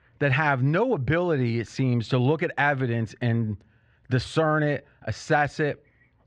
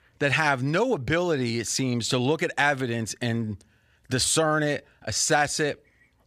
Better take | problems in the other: second | muffled; slightly; fading above 2.5 kHz

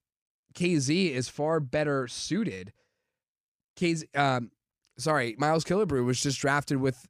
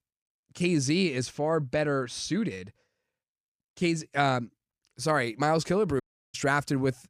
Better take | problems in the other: first | audio cutting out; at 6 s

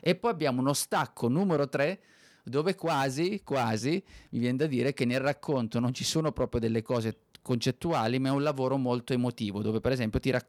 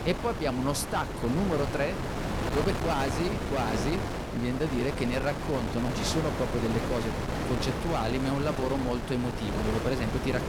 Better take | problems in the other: first | wind noise on the microphone; heavy; 2 dB below the speech

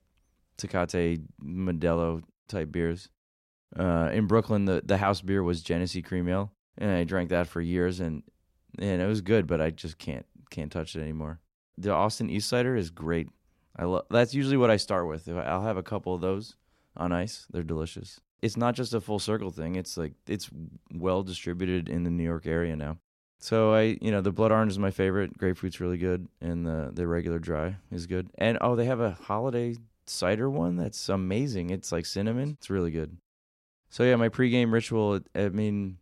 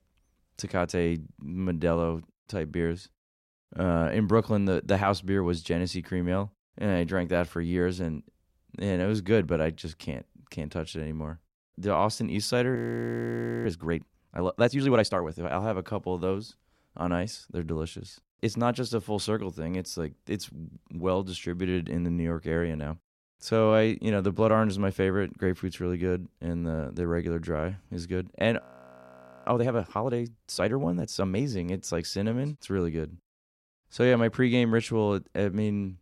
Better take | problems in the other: first | audio freezing; at 13 s for 1 s and at 29 s for 1 s

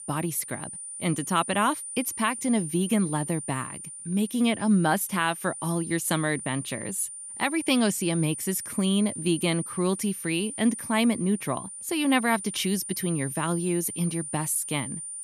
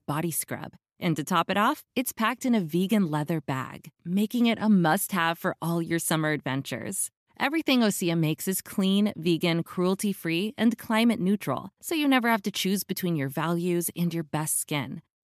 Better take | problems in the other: second | high-pitched whine; loud; throughout; 9.5 kHz, 8 dB below the speech

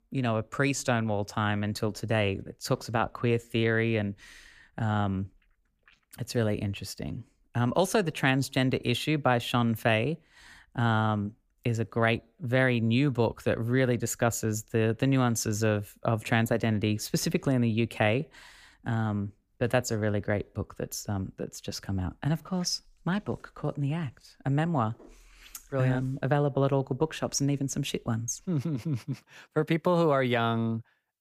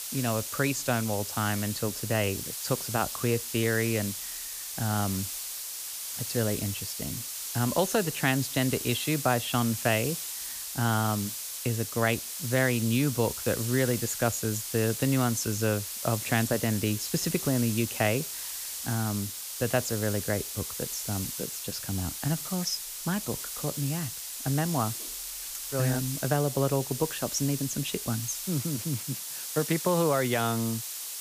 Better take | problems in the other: first | hiss; loud; throughout; 4 dB below the speech

